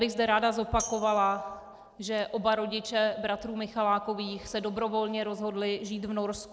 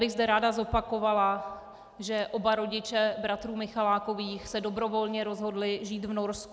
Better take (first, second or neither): second